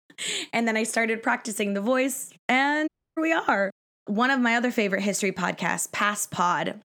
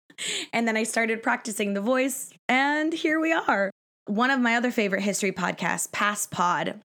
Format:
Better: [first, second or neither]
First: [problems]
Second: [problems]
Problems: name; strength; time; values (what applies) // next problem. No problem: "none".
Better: second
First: audio cutting out; at 3 s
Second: none